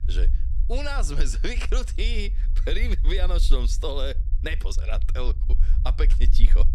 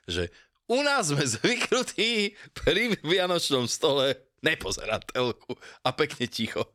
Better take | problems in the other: second | low rumble; noticeable; throughout; 15 dB below the speech

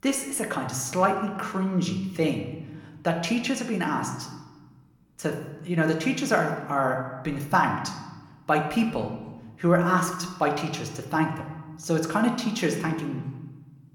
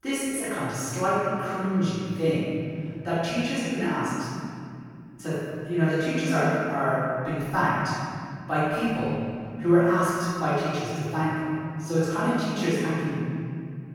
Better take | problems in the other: first | room echo; strong; dies away in 2.5 s; slight in the first // off-mic speech; far

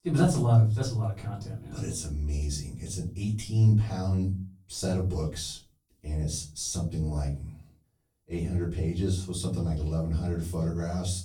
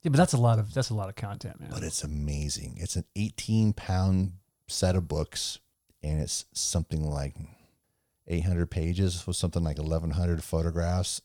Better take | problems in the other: second | room echo; slight; dies away in 0.3 s // off-mic speech; far

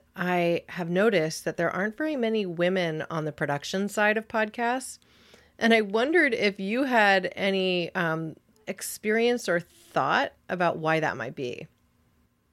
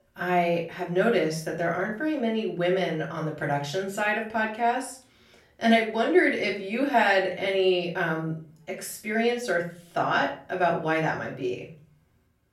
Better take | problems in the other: first | off-mic speech; far // room echo; slight; dies away in 0.4 s

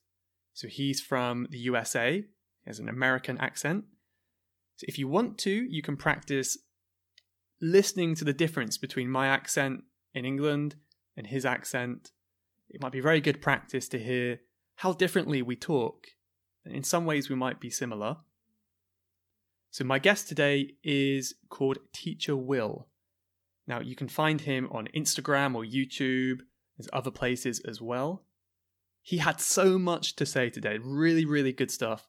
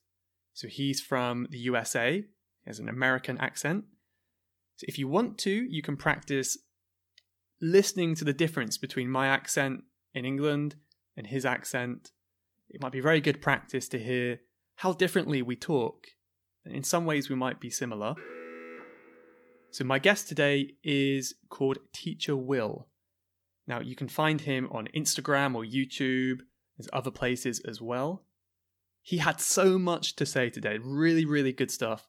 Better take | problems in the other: first | alarm; faint; from 18 to 20 s; peak 15 dB below the speech

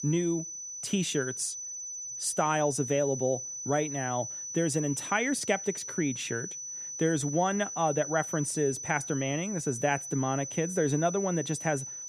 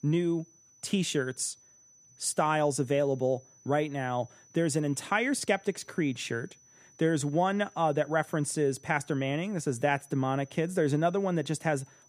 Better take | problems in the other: second | high-pitched whine; loud; throughout; 6 kHz, 6 dB below the speech; faint in the second

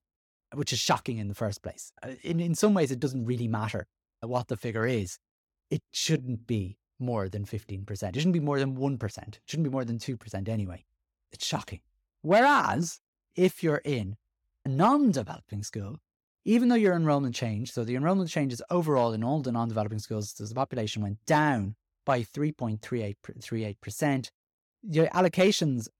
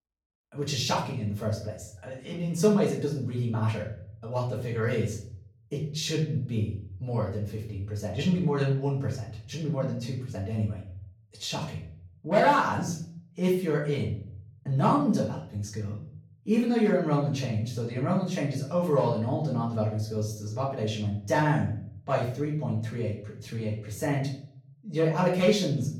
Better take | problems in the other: first | room echo; slight; dies away in 0.6 s // off-mic speech; far

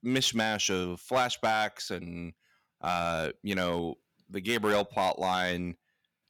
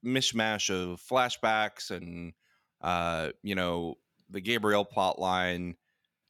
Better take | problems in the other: second | distortion; slight; 3% of the sound clipped

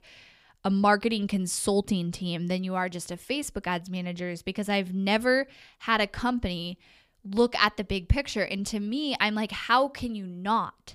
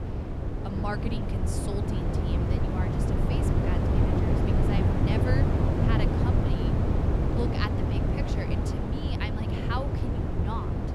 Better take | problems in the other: first | wind noise on the microphone; heavy; 4 dB above the speech

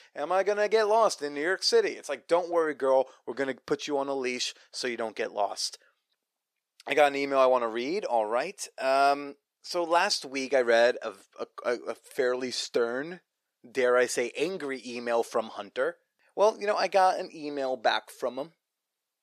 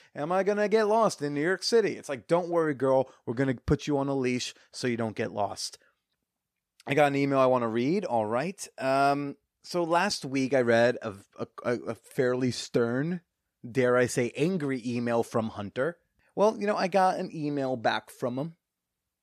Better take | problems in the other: second | thin; somewhat; fading below 450 Hz

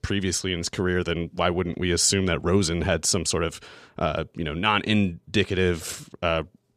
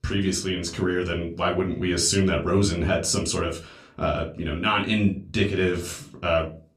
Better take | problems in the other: first | off-mic speech; far // room echo; very slight; dies away in 0.3 s

